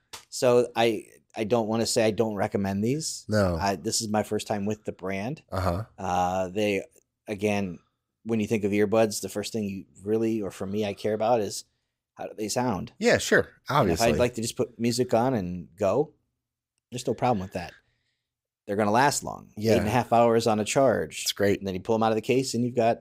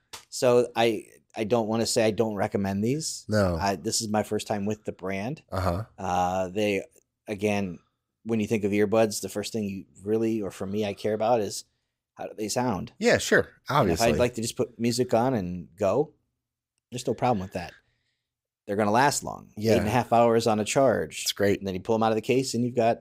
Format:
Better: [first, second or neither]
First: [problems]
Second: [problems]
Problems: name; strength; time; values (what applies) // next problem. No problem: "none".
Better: neither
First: none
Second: none